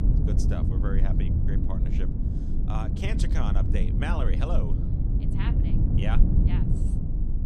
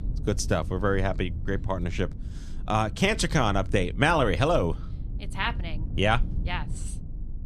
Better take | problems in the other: second | low rumble; loud; throughout; 1 dB below the speech; faint in the second

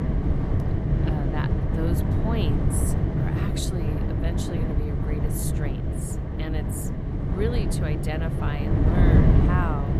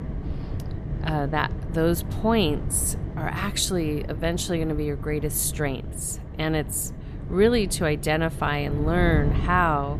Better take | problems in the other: second | wind noise on the microphone; heavy; 2 dB above the speech; occasional gusts in the second

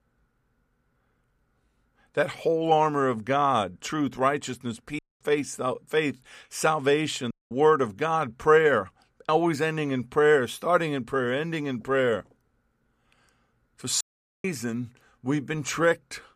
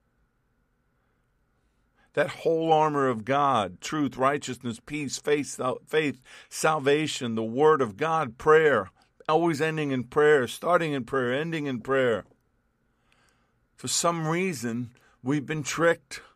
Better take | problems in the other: second | audio cutting out; at 5 s, at 7.5 s and at 14 s

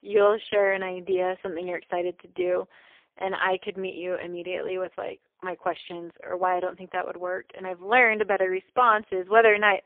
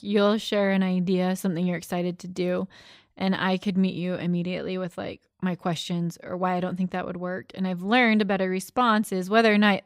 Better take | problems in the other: second | phone-call audio; poor line

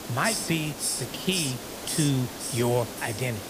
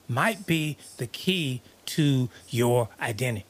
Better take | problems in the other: second | hiss; loud; throughout; 2 dB below the speech; faint in the second

